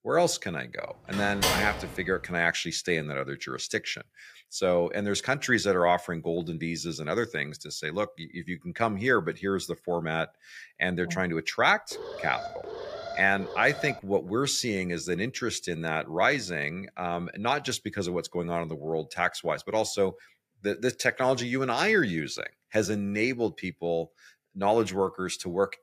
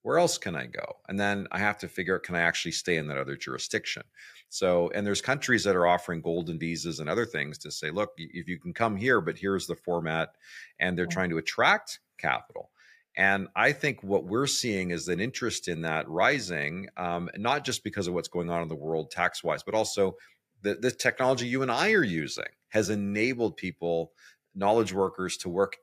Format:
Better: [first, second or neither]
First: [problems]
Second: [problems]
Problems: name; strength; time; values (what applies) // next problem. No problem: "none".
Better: second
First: door banging; loud; at 1 s; peak 3 dB above the speech // alarm; noticeable; from 12 to 14 s; peak 9 dB below the speech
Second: none